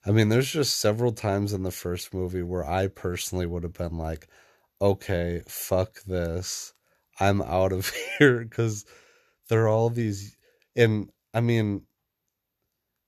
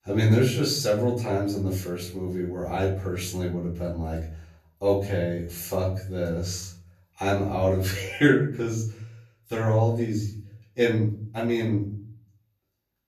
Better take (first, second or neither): first